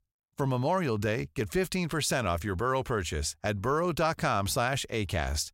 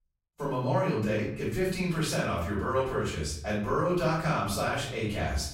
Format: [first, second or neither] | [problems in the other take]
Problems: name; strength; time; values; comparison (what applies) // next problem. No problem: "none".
first | off-mic speech; far // room echo; noticeable; dies away in 0.6 s